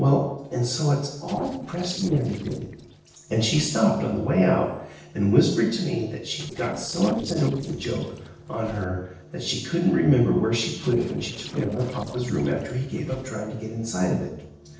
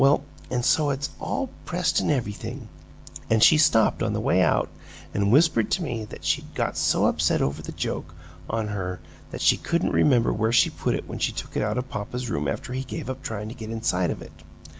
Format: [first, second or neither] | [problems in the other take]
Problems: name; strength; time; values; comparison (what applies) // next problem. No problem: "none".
second | noise reduction (neural separator model SepFormer DNS4)